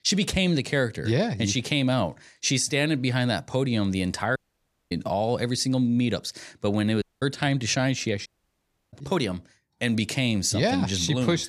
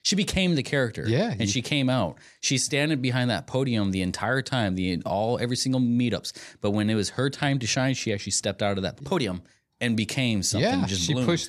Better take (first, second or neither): second